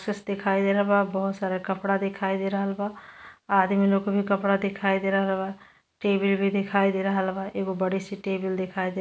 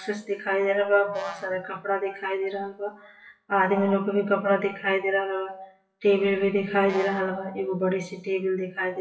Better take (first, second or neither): first